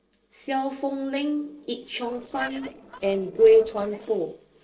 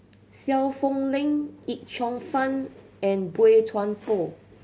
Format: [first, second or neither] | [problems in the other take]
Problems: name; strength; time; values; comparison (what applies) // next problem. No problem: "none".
second | noise reduction (neural separator model SepFormer DNS4)